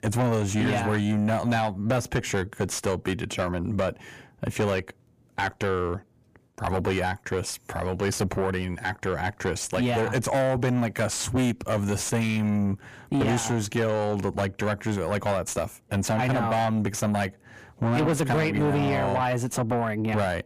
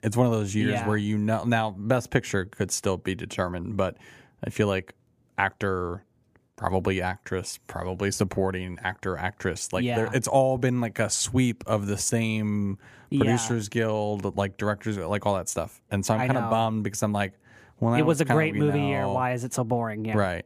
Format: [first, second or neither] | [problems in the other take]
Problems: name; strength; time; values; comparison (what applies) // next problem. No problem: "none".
second | distortion; heavy; 7 dB below the speech